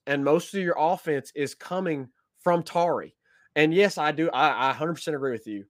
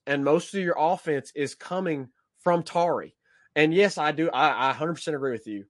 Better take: first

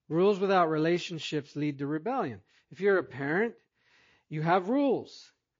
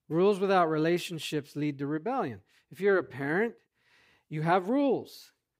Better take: second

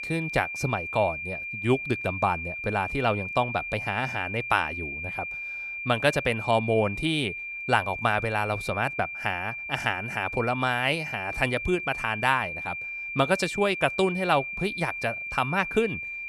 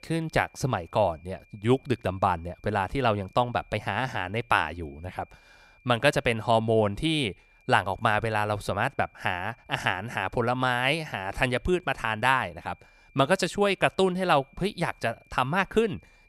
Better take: second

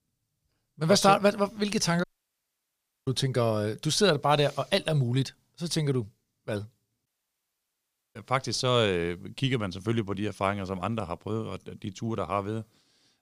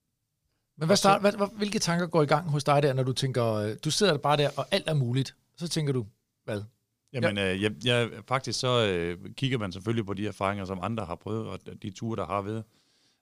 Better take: second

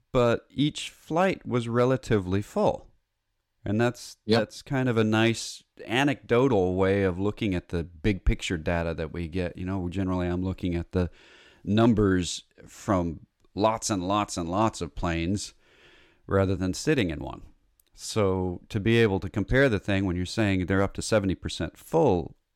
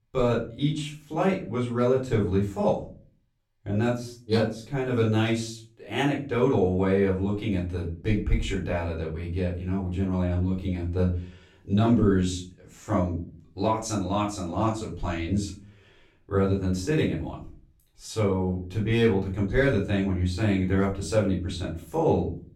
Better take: first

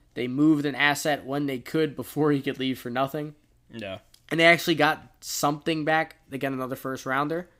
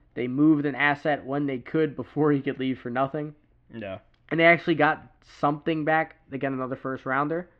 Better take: first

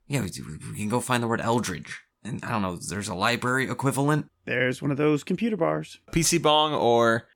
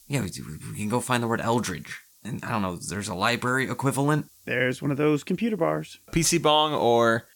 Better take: first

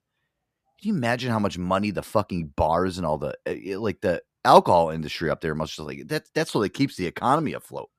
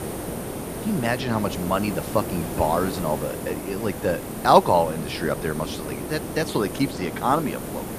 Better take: first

